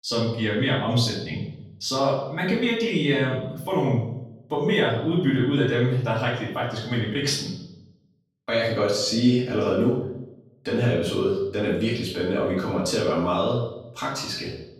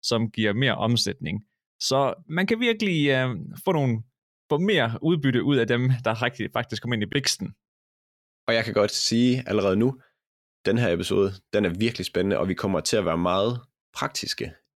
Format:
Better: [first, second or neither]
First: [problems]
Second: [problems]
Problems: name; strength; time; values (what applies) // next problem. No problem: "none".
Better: second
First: off-mic speech; far // room echo; noticeable; dies away in 0.7 s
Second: none